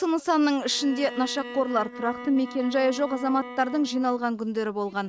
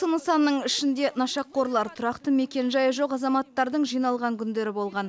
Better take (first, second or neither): second